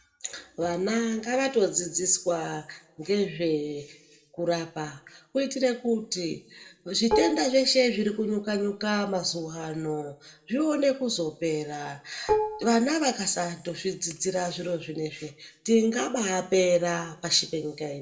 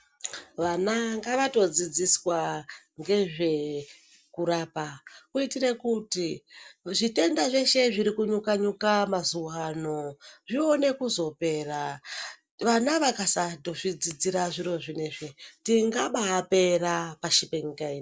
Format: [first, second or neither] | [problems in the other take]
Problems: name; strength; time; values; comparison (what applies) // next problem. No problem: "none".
second | background sound (Dishes, pots, and pans); 3 dB below the speech // room echo; dies away in 0.5 s